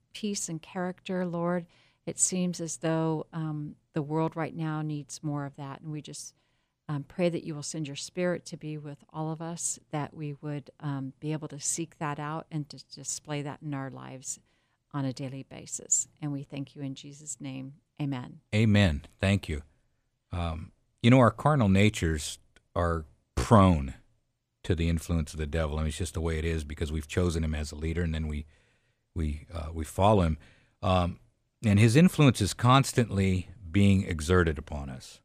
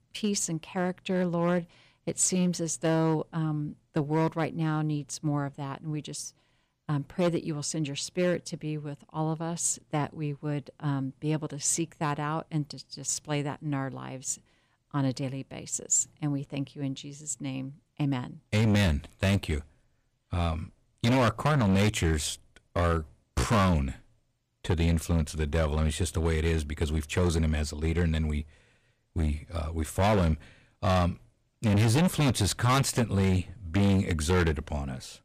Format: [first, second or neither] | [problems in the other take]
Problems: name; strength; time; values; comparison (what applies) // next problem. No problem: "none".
first | distortion; heavy; 7% of the sound clipped